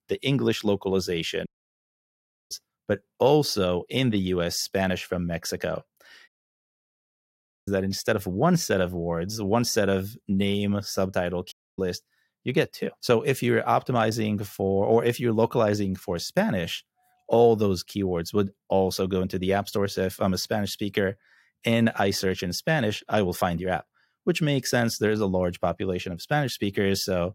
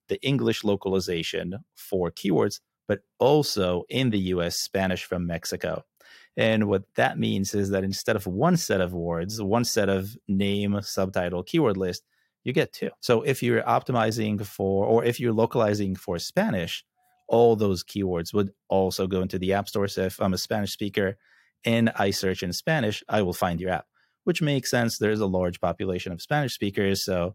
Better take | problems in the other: second | audio cutting out; at 1.5 s for 1 s, at 6.5 s for 1.5 s and at 12 s

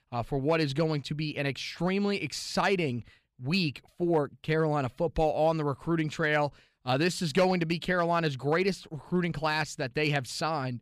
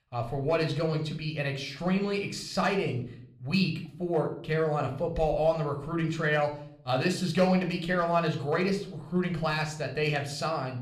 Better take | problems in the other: first | room echo; slight; dies away in 0.5 s

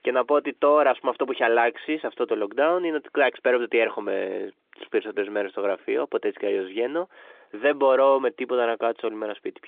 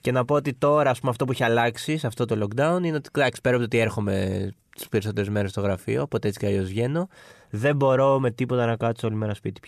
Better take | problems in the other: second | phone-call audio

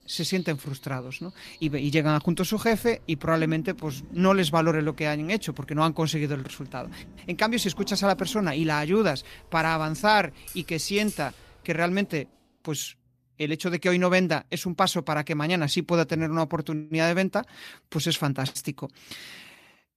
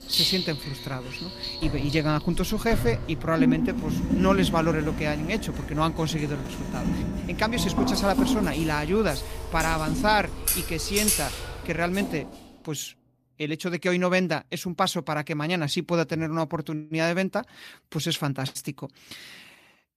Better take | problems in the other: first | household noises; loud; until 12 s; 2 dB below the speech; faint in the first

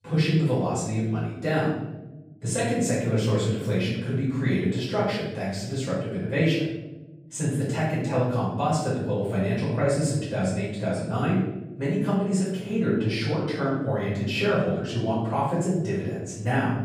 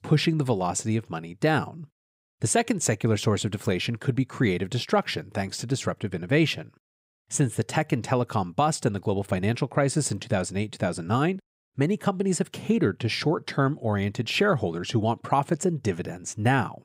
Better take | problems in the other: second | room echo; noticeable; dies away in 0.9 s // off-mic speech; far

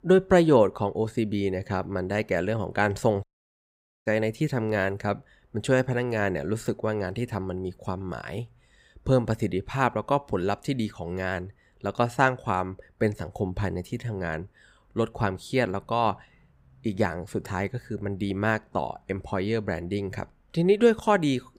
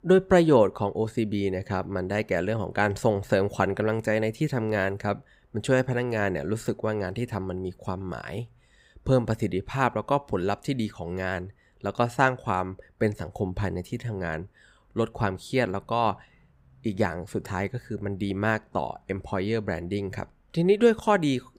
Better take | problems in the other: second | audio cutting out; at 3 s for 1 s

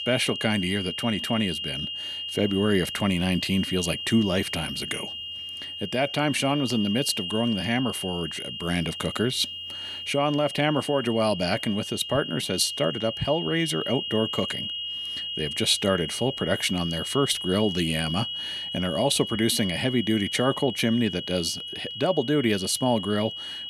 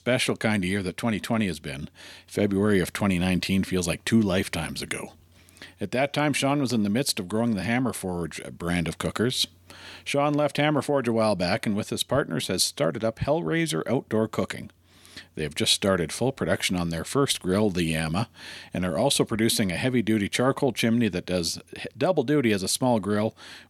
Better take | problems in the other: second | high-pitched whine; loud; throughout; 3 kHz, 6 dB below the speech

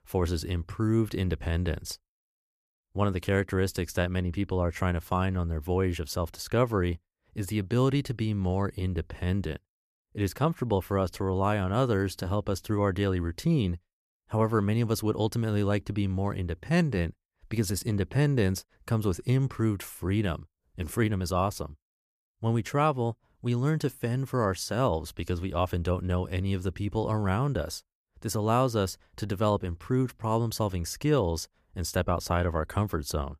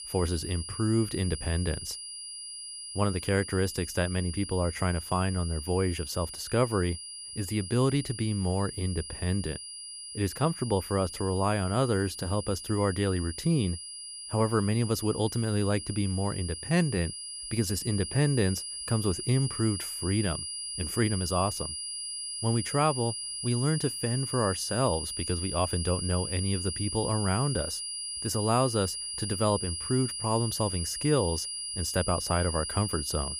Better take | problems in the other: first | high-pitched whine; loud; throughout; 5 kHz, 6 dB below the speech

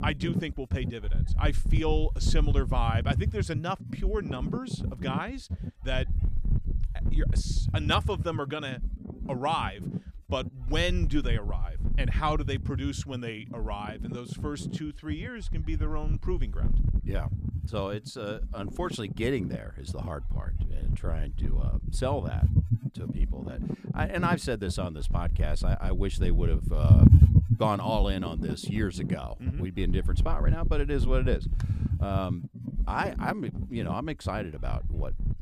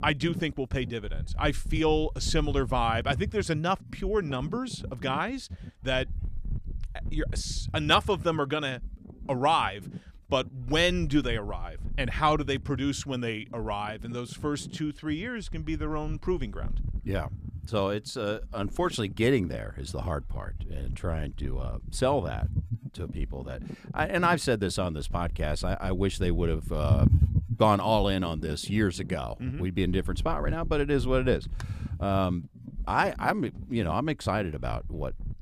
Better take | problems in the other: second | wind noise on the microphone; heavy; 9 dB below the speech; occasional gusts in the second

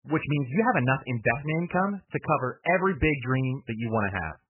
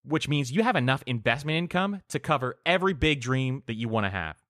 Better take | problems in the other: second | garbled, watery; badly; nothing above 3 kHz

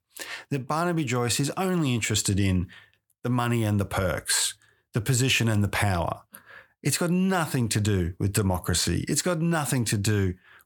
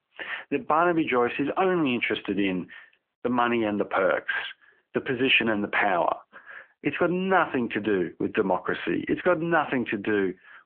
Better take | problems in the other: first | phone-call audio

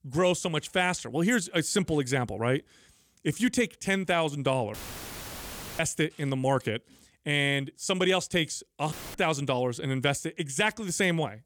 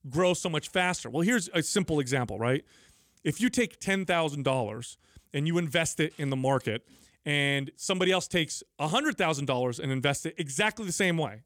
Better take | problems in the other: second | audio cutting out; filled with static; at 4.5 s for 1 s and at 9 s

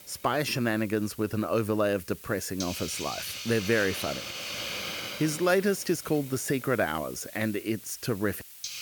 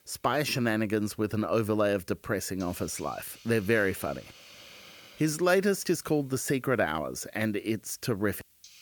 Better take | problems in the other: second | hiss; loud; throughout; 9 dB below the speech; faint in the second

